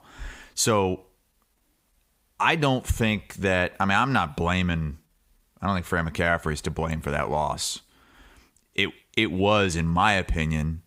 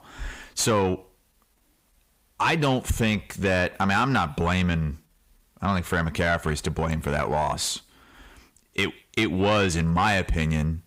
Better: first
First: none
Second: distortion; slight; 10 dB below the speech

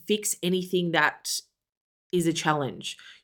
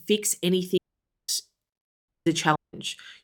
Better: first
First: none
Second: audio cutting out; at 1 s for 0.5 s, at 2 s and at 2.5 s

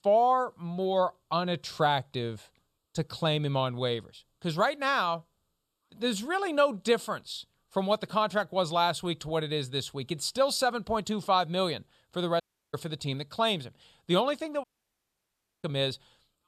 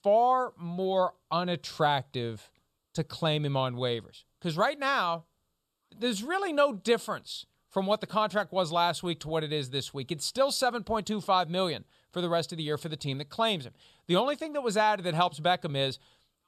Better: second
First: audio cutting out; at 12 s and at 15 s for 1 s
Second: none

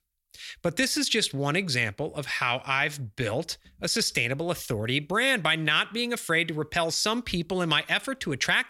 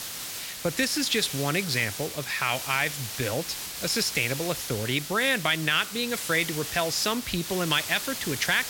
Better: first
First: none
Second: hiss; loud; throughout; 6 dB below the speech

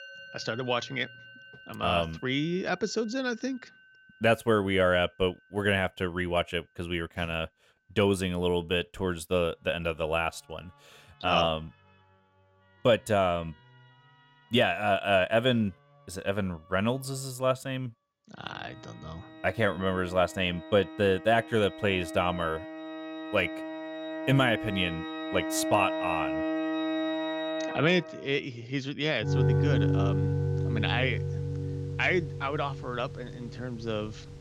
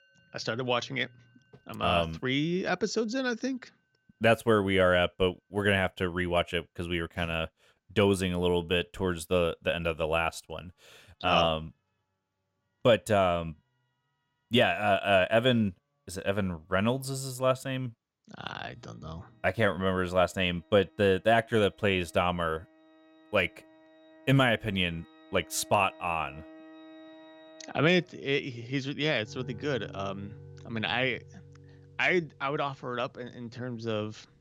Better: second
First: background music; loud; throughout; 4 dB below the speech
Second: background music; faint; throughout; 25 dB below the speech

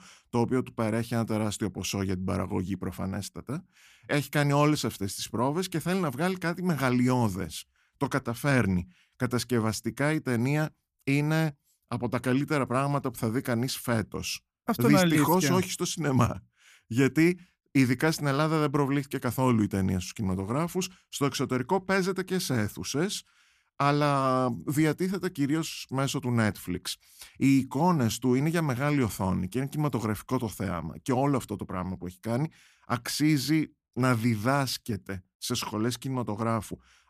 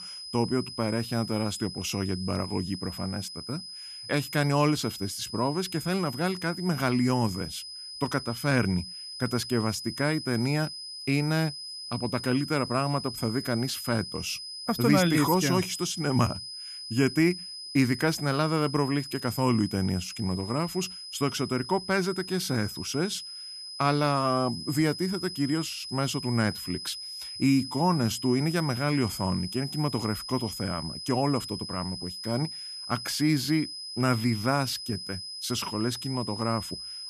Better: first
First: none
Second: high-pitched whine; loud; throughout; 5 kHz, 8 dB below the speech

